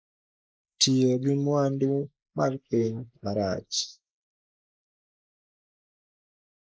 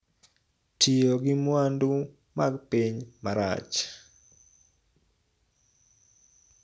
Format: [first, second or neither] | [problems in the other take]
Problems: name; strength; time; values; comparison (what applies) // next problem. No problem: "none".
second | noise reduction (neural mask model Resemble Enhance denoiser)